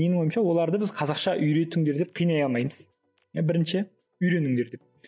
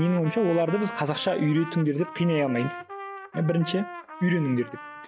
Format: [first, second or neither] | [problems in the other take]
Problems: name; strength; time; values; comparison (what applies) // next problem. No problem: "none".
first | background sound (Trumpet); 13 dB below the speech